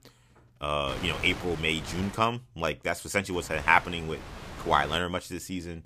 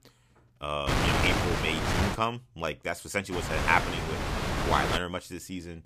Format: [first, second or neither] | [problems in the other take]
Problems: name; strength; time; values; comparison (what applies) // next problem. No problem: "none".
first | wind noise on the microphone; heavy; from 1 to 2 s and from 3.5 to 5 s; 1 dB below the speech; occasional gusts in the first